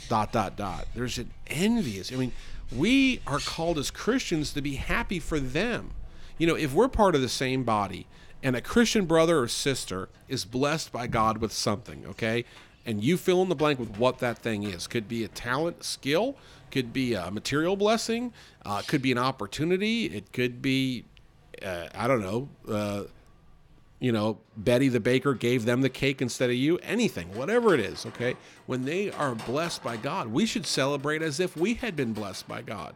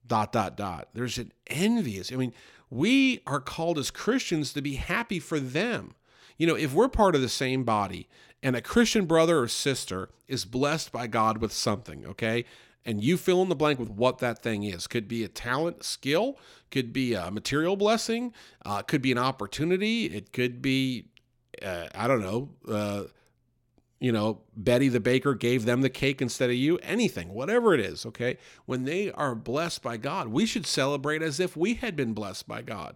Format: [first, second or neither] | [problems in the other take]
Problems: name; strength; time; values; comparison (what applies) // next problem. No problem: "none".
second | animal sounds; noticeable; throughout; 20 dB below the speech